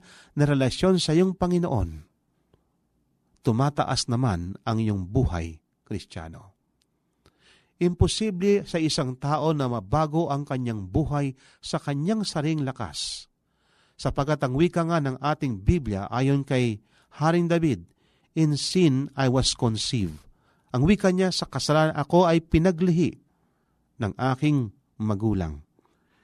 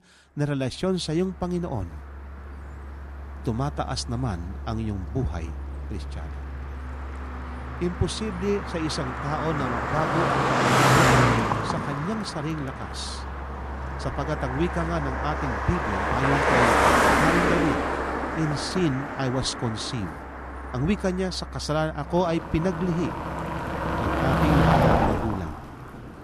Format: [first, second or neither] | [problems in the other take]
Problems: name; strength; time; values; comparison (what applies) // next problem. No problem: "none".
first | traffic noise; very loud; throughout; 3 dB above the speech